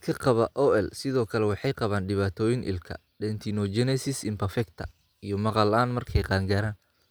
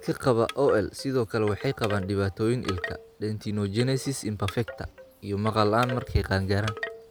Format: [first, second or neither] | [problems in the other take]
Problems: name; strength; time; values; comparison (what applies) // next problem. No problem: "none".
first | background sound (Wind chime / Wood); 14 dB below the speech